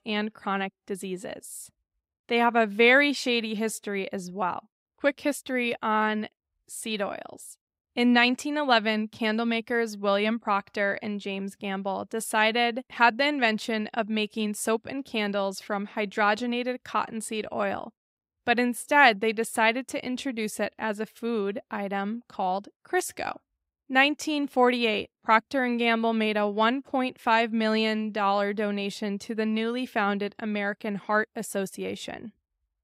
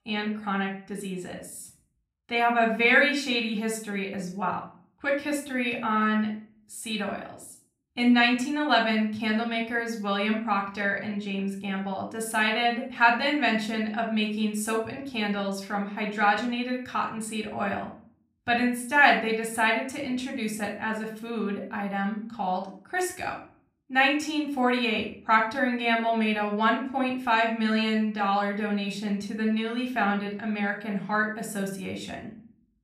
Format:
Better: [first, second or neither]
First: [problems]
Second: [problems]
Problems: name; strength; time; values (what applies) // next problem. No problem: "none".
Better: first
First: none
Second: off-mic speech; somewhat distant // room echo; slight; dies away in 0.4 s